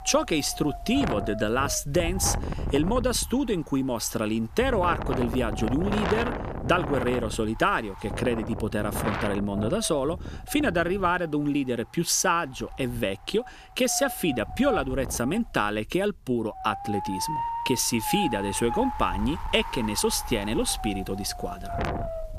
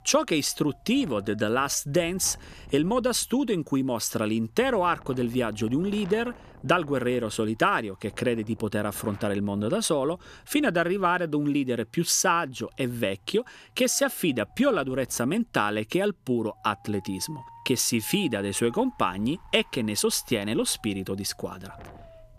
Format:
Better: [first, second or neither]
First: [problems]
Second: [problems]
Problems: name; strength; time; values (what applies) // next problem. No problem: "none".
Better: second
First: wind noise on the microphone; heavy; 6 dB below the speech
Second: wind noise on the microphone; occasional gusts; 25 dB below the speech